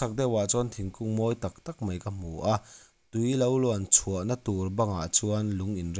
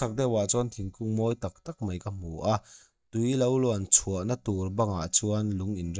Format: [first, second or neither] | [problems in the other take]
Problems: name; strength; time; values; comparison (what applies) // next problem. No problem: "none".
first | noise reduction (neural mask model DeepFilterNet 3)